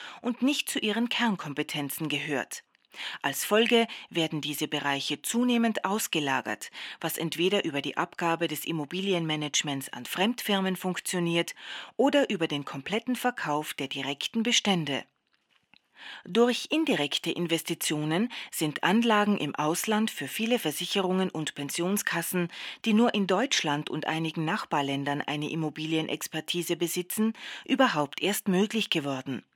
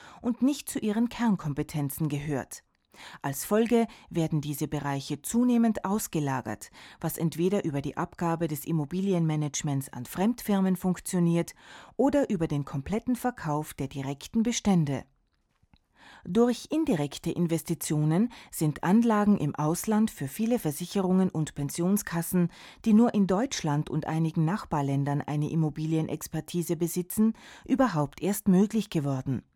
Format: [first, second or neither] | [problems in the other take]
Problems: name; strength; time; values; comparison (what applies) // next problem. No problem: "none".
second | thin; very slightly; fading below 250 Hz